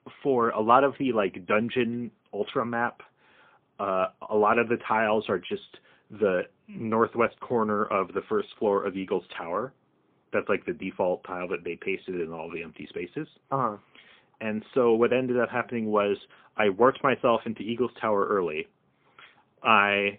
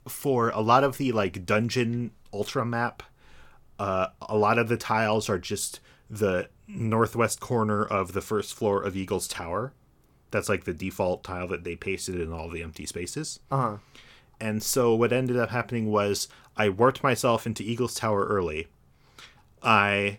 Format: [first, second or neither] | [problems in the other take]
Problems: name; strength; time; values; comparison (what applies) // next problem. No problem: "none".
second | phone-call audio; poor line